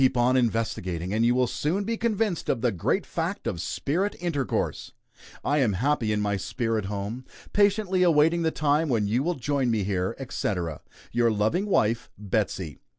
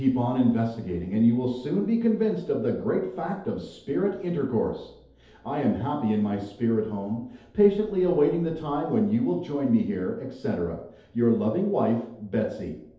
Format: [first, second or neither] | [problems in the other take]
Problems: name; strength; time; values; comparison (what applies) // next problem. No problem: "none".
first | room echo; dies away in 2.2 s